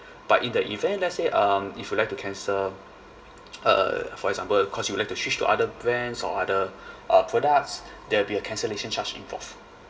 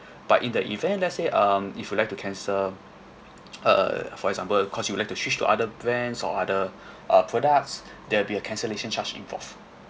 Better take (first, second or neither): second